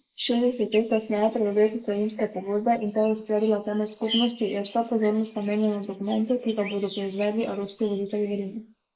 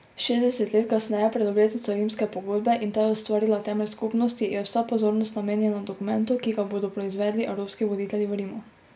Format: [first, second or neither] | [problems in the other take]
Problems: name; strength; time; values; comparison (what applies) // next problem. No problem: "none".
second | noise reduction (neural mask model Resemble Enhance denoiser)